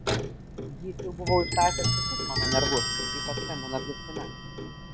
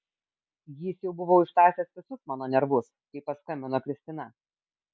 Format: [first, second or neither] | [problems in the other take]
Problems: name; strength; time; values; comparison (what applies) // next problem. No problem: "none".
second | background sound (Clock); 2 dB above the speech